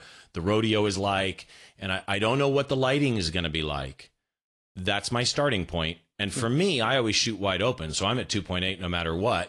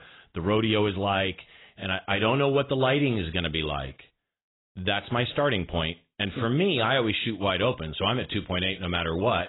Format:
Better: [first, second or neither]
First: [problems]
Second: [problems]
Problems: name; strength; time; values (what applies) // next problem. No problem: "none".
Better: first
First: garbled, watery; slightly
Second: garbled, watery; badly; nothing above 4 kHz